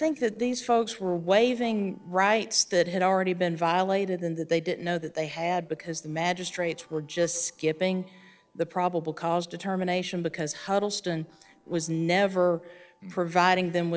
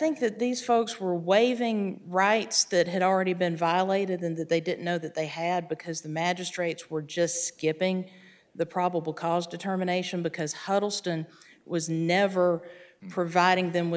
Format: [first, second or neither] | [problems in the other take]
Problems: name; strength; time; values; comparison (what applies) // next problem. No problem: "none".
second | noise reduction (neural separator model SepFormer DNS4)